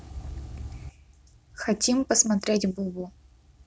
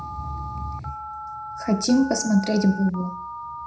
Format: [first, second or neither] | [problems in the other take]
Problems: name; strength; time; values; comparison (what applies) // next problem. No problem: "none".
first | background sound (Telephone); 10 dB below the speech // room echo; dies away in 0.5 s